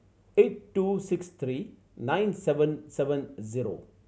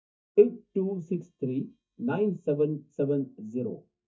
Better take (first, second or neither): first